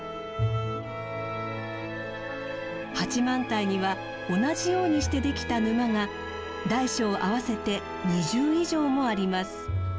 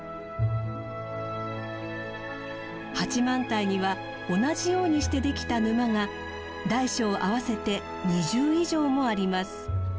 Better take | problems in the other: second | background sound (Bowed string instrument); 13 dB below the speech

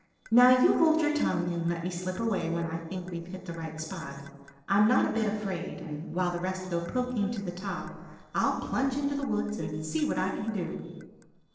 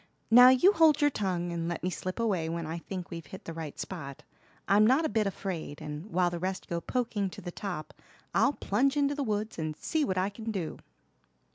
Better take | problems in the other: second | noise reduction (neural separator model SepFormer DNS4)

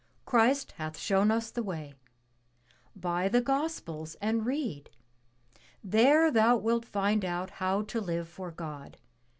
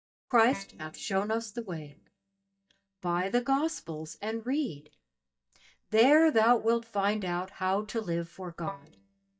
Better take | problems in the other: first | noise reduction (neural mask model DeepFilterNet 3)

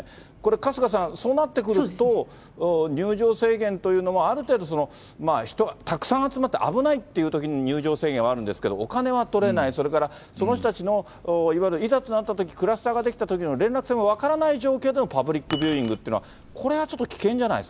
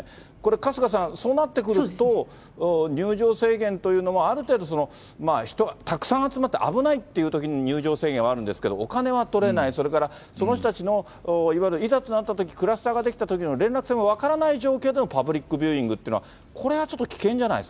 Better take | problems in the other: second | background sound (Keys jangling); 15 dB below the speech

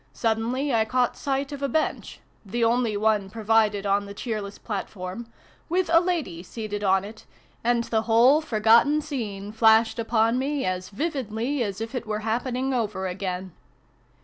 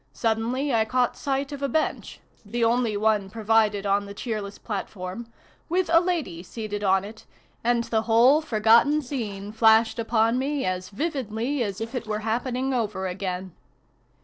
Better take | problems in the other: first | noise reduction (neural separator model SepFormer DNS4)

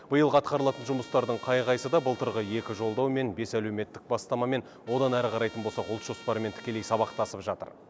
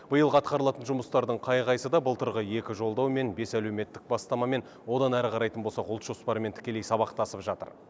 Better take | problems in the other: second | background sound (Trumpet); 20 dB below the speech

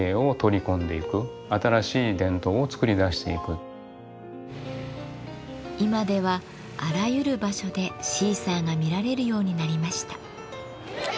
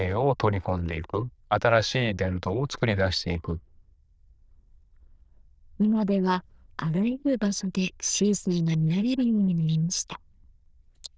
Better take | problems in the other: first | noise reduction (neural diffusion model UNIVERSE++)

